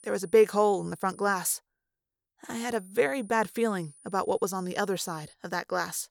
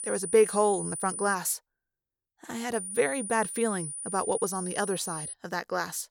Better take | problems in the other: first | high-pitched whine; loud; until 1.5 s and from 2.5 to 5.5 s; 9.5 kHz, 6 dB below the speech; faint in the first

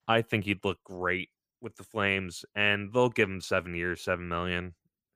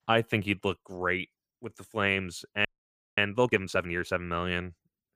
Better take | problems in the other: first | audio freezing; at 2.5 s for 0.5 s

